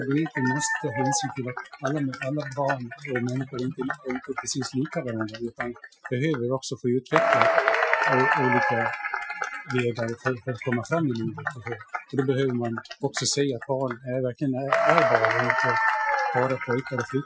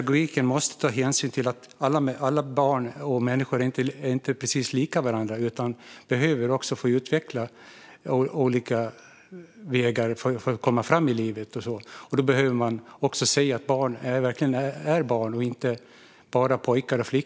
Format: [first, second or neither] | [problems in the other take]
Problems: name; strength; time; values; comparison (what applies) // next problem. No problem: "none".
second | noise reduction (classical method Wiener filter)